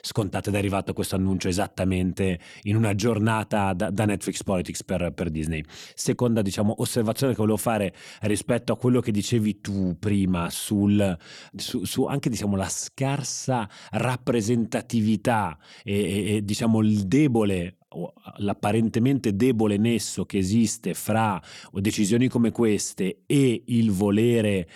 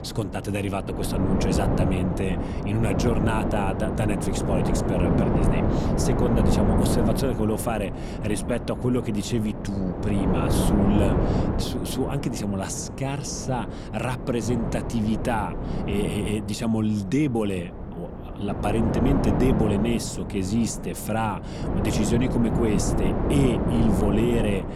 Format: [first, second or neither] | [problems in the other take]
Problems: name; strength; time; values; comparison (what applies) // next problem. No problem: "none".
first | wind noise on the microphone; heavy; 1 dB below the speech